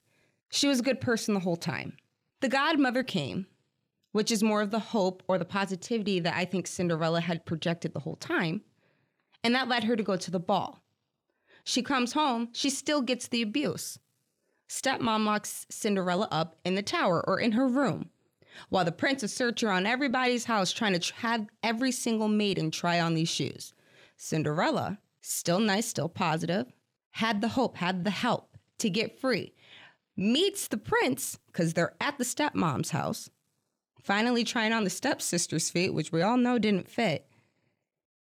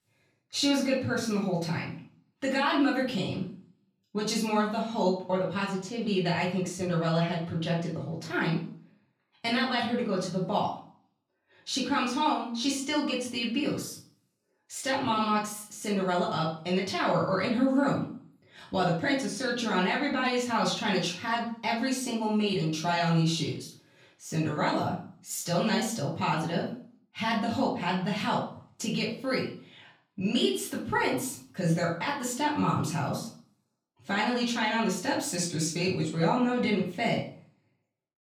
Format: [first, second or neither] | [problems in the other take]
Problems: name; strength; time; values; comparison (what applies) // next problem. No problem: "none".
first | off-mic speech; far // room echo; slight; dies away in 0.4 s